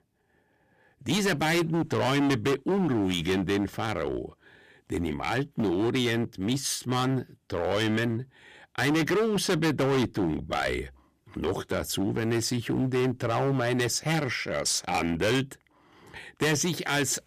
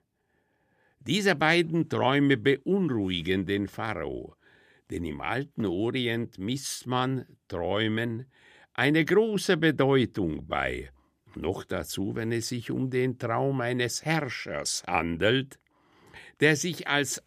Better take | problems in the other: second | distortion; heavy; 14% of the sound clipped

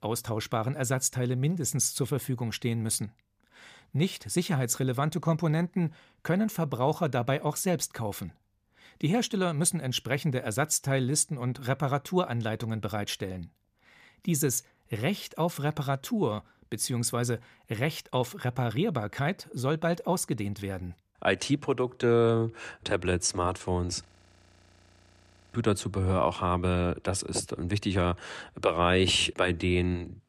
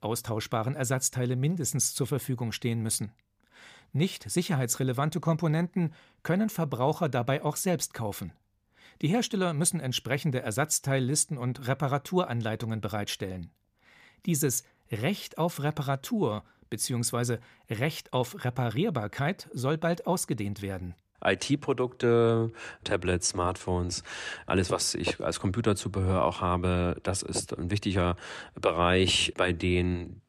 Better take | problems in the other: second | audio freezing; at 24 s for 1.5 s

